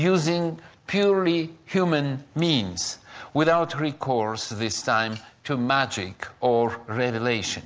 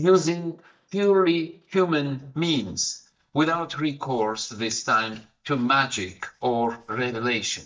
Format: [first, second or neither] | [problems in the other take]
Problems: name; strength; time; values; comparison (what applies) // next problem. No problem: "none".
first | noise reduction (neural mask model DeepFilterNet 3)